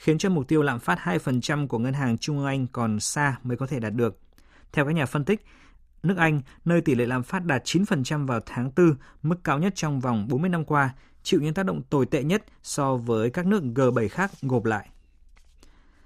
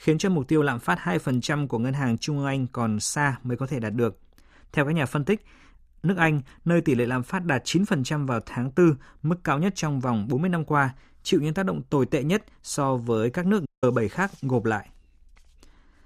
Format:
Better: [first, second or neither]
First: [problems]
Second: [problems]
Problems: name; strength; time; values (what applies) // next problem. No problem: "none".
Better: first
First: none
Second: audio cutting out; at 14 s